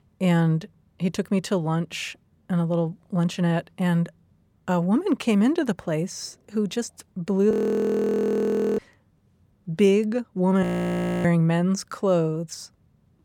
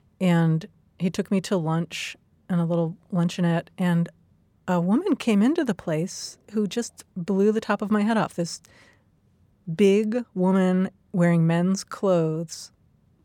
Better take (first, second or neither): second